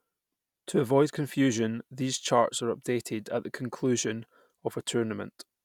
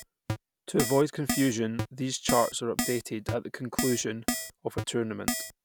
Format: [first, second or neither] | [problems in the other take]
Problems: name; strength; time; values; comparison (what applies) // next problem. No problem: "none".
first | background sound (Keyboard (musical)); 4 dB below the speech